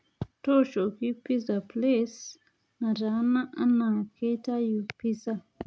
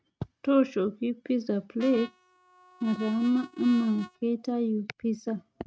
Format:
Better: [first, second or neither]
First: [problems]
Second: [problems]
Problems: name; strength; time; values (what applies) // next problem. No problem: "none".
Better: first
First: none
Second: noise reduction (neural mask model RNNoise)